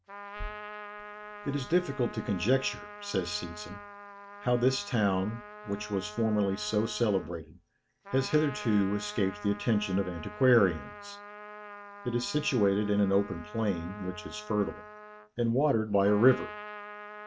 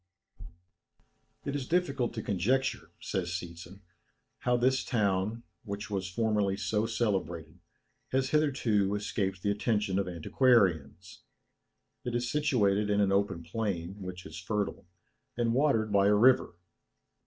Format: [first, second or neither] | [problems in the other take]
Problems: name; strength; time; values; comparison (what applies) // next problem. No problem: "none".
second | background sound (Trumpet); 15 dB below the speech